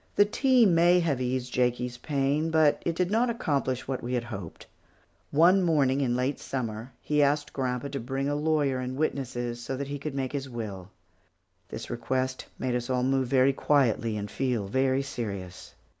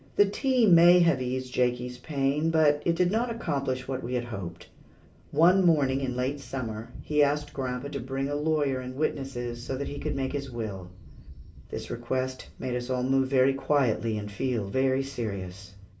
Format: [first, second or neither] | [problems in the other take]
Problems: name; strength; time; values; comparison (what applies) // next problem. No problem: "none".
first | background sound (Thunder); 17 dB below the speech // room echo; dies away in 0.3 s